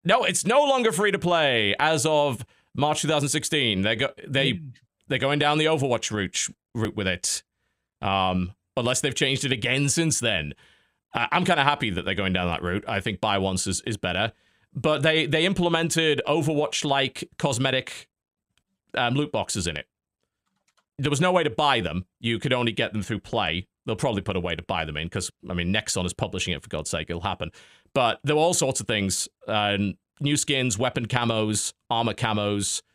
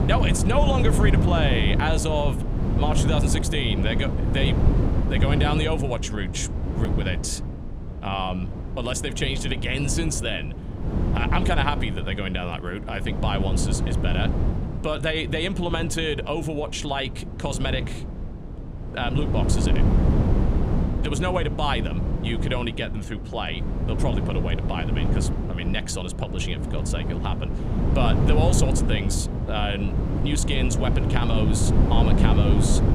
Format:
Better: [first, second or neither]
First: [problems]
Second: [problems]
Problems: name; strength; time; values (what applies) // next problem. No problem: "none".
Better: first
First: none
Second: wind noise on the microphone; heavy; 5 dB below the speech